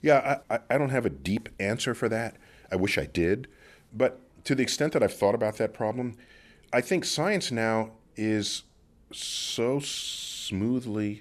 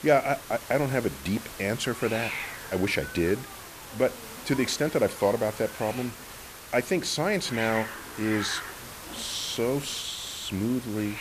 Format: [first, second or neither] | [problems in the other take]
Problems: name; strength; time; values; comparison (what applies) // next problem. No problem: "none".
first | hiss; loud; throughout; 10 dB below the speech